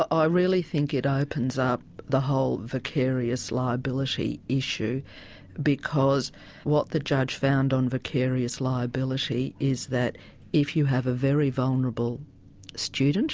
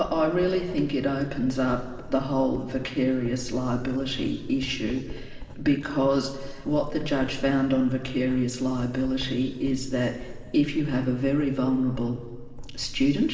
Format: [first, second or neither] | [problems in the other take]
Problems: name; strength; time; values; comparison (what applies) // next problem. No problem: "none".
first | background sound (Writing); 12 dB below the speech // room echo; dies away in 2.6 s